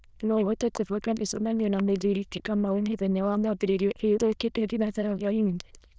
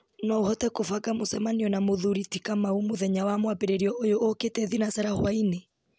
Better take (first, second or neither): second